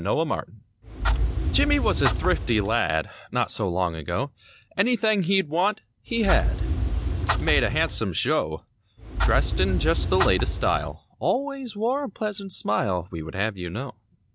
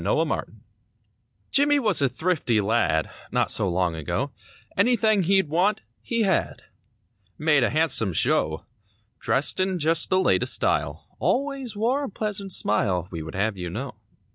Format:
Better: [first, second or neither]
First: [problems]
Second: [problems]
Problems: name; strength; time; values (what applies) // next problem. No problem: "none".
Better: second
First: background sound (Clock); 1 dB above the speech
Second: none